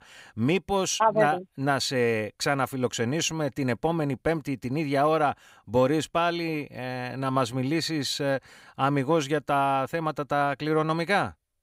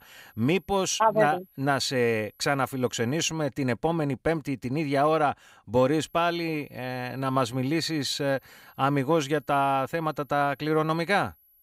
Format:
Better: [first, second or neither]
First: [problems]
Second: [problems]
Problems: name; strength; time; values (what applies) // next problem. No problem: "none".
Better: first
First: none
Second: high-pitched whine; faint; until 3 s and from 6 s on; 12 kHz, 30 dB below the speech